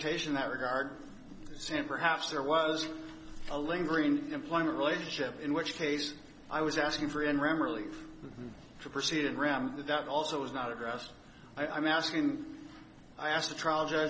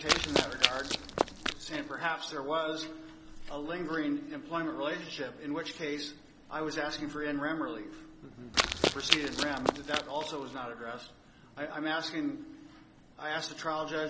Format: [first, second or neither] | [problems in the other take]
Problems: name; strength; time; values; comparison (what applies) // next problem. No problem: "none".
first | background sound (Run); 4 dB above the speech